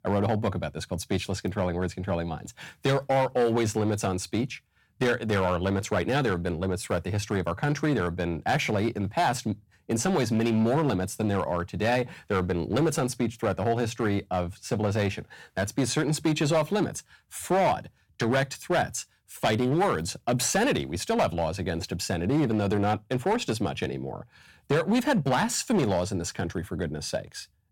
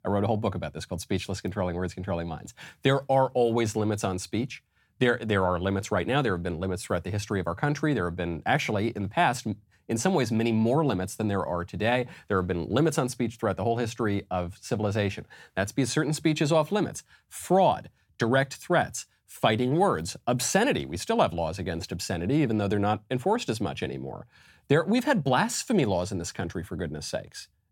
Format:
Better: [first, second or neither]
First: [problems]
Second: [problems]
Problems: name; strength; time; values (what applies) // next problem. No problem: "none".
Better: second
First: distortion; slight; 6% of the sound clipped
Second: none